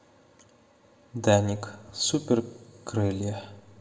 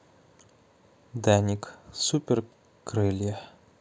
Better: second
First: room echo; dies away in 2.4 s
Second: none

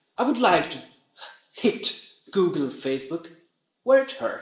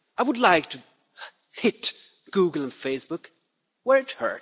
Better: second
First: room echo; dies away in 0.5 s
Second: none

